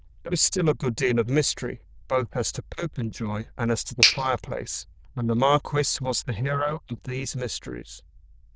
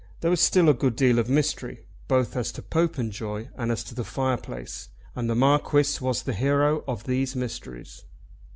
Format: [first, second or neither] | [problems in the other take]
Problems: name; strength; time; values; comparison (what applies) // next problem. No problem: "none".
second | noise reduction (neural diffusion model UNIVERSE++)